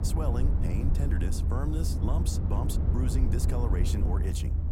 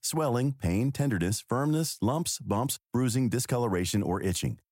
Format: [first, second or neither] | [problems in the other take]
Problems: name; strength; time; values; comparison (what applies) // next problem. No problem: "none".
second | low rumble; loud; throughout; 3 dB below the speech